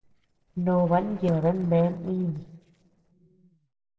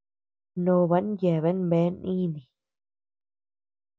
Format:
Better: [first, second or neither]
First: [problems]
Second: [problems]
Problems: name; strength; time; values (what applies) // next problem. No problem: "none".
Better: second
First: noise reduction (neural separator model SepFormer DNS4)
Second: none